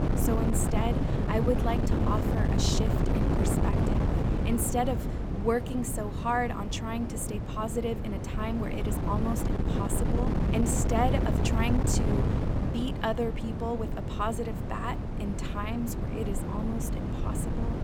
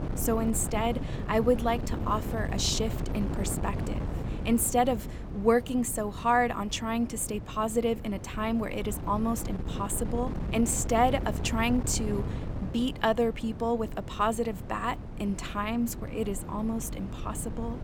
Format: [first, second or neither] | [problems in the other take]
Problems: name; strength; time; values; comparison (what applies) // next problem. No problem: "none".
second | wind noise on the microphone; heavy; 3 dB below the speech; occasional gusts in the second